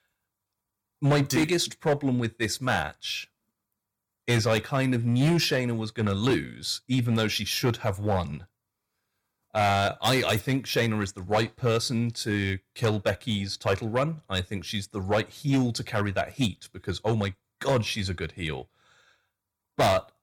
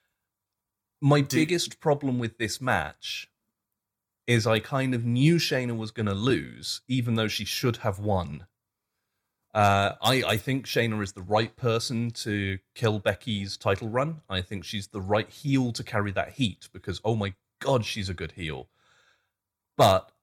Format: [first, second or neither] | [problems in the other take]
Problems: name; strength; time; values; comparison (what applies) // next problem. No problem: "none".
second | distortion; slight; 5% of the sound clipped